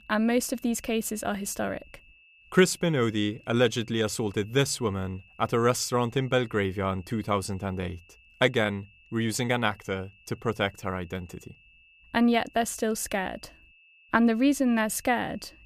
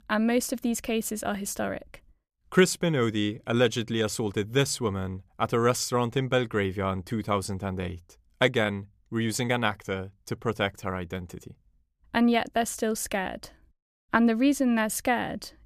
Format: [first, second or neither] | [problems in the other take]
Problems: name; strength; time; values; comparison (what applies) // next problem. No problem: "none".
second | high-pitched whine; faint; throughout; 2.5 kHz, 30 dB below the speech